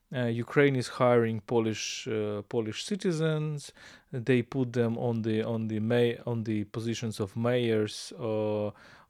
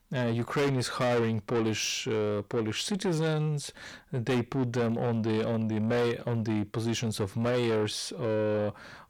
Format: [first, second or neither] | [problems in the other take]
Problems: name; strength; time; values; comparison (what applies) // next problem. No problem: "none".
first | distortion; heavy; 7 dB below the speech